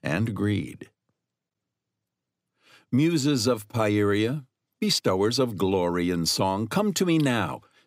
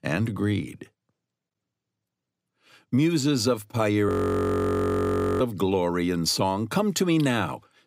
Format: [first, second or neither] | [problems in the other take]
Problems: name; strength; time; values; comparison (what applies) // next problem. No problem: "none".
first | audio freezing; at 4 s for 1.5 s